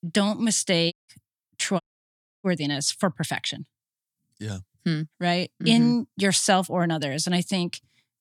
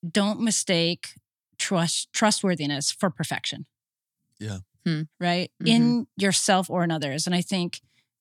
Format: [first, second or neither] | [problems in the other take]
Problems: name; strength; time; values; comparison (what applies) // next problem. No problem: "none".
second | audio cutting out; at 1 s and at 2 s for 0.5 s